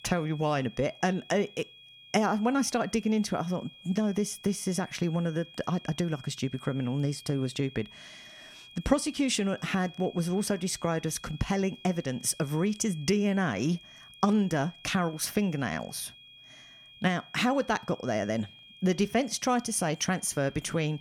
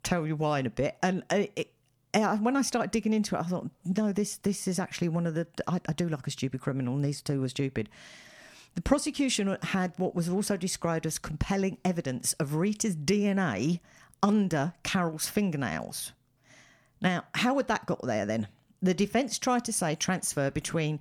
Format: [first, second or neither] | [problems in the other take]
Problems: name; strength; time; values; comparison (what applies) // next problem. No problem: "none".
second | high-pitched whine; noticeable; throughout; 3.5 kHz, 20 dB below the speech